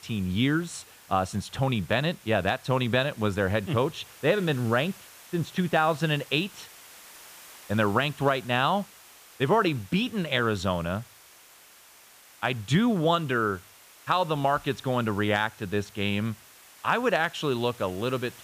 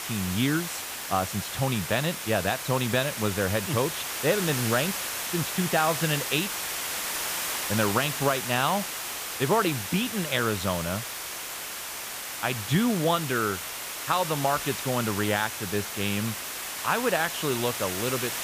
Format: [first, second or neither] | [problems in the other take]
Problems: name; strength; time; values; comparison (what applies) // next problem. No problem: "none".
first | hiss; loud; throughout; 4 dB below the speech; faint in the first